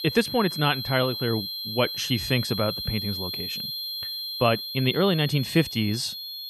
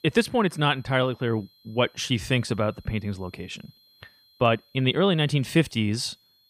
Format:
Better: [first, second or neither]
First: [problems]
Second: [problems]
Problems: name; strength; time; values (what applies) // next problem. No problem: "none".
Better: second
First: high-pitched whine; loud; throughout; 4 kHz, 5 dB below the speech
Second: high-pitched whine; faint; throughout; 4 kHz, 35 dB below the speech